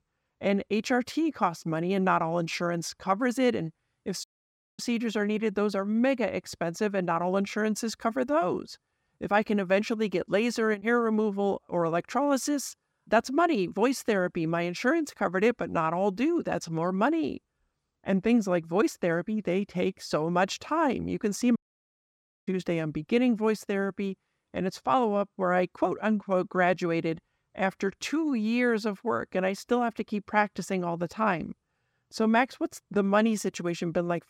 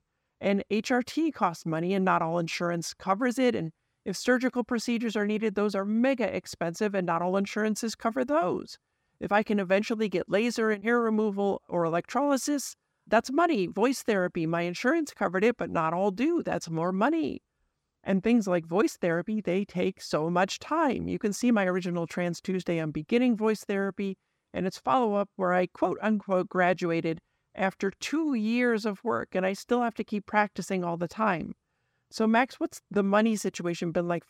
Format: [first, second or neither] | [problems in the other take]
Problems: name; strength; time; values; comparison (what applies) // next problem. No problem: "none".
second | audio cutting out; at 4 s for 0.5 s and at 22 s for 1 s